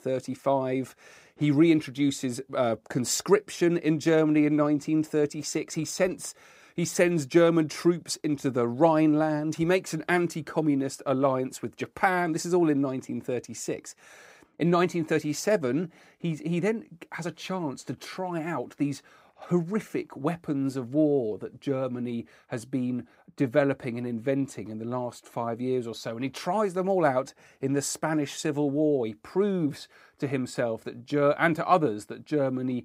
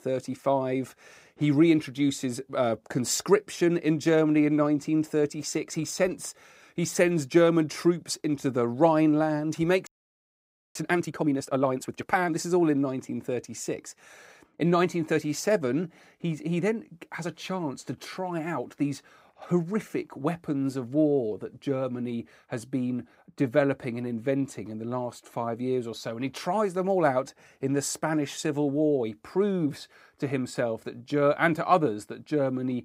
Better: first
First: none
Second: audio freezing; at 10 s for 1 s

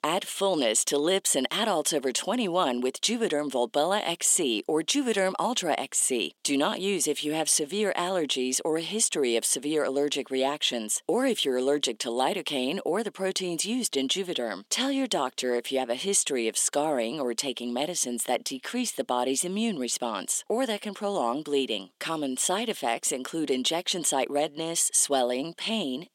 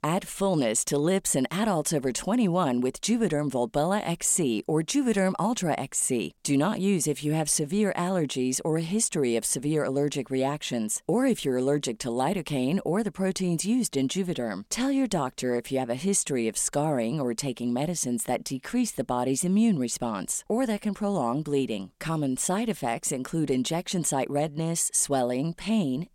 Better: second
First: thin; very slightly; fading below 300 Hz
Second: none

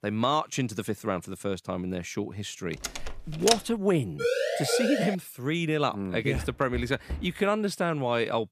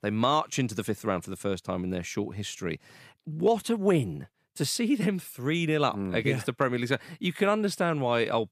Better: second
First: door banging; loud; at 3 s; peak 2 dB above the speech // siren; loud; at 4 s; peak 2 dB above the speech // door banging; faint; at 6.5 s; peak 10 dB below the speech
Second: none

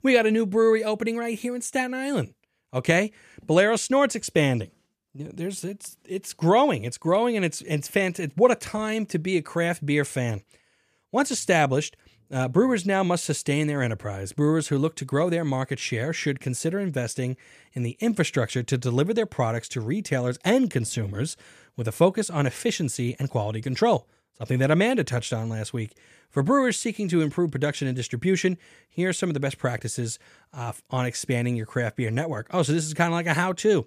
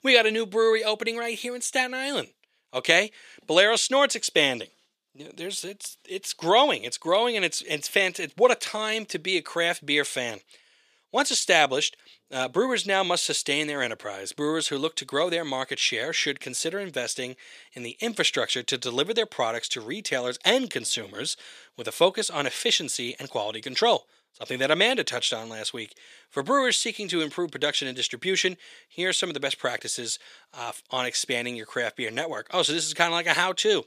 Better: first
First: none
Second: thin; somewhat; fading below 400 Hz

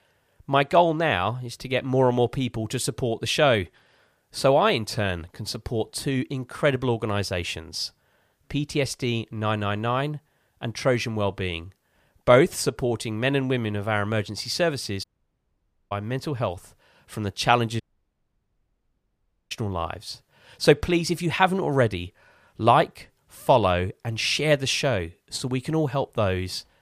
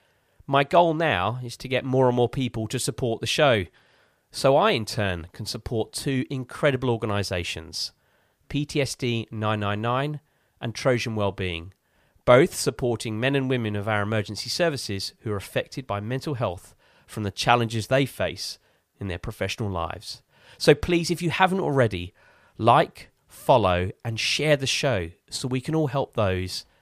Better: second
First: audio cutting out; at 15 s for 1 s and at 18 s for 1.5 s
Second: none

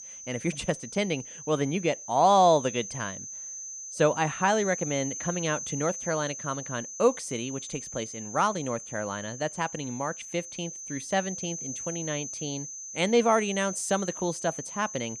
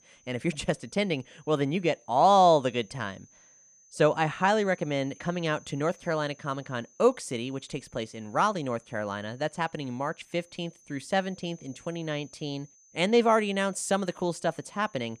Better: second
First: high-pitched whine; loud; throughout; 6 kHz, 8 dB below the speech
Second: high-pitched whine; faint; throughout; 6 kHz, 30 dB below the speech

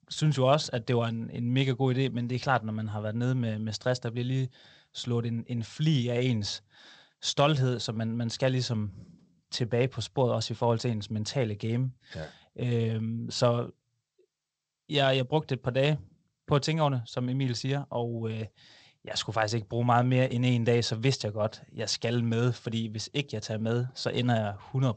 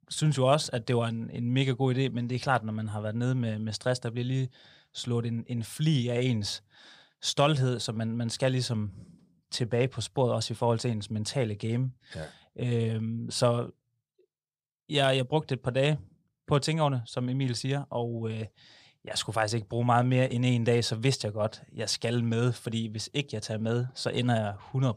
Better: second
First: garbled, watery; slightly; nothing above 8 kHz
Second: none

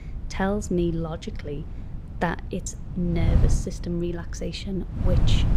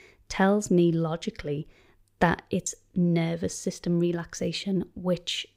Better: second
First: wind noise on the microphone; occasional gusts; 10 dB below the speech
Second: none

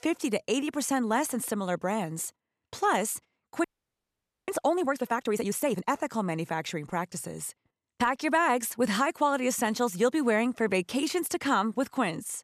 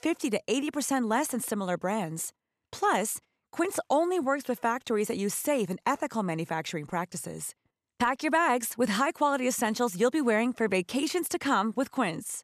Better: second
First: audio freezing; at 3.5 s for 1 s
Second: none

